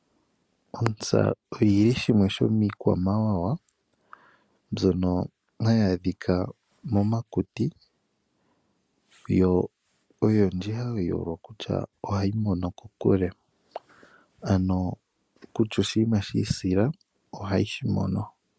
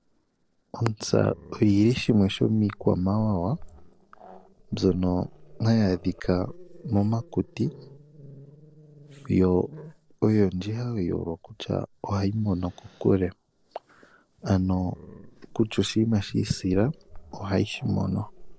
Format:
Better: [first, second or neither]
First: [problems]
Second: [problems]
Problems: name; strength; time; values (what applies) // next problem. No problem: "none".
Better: first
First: none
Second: noise reduction (neural separator model SepFormer DNS4)